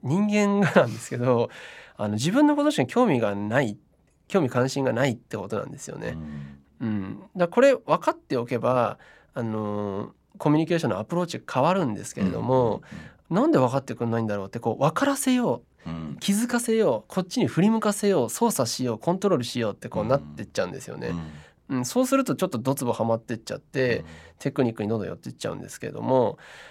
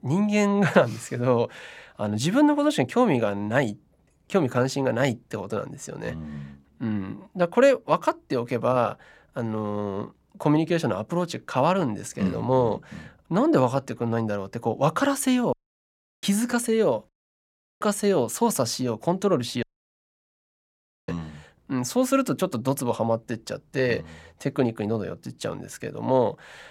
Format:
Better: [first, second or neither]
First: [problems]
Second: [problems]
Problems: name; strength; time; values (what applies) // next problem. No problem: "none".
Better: first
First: none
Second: audio cutting out; at 16 s for 0.5 s, at 17 s for 0.5 s and at 20 s for 1.5 s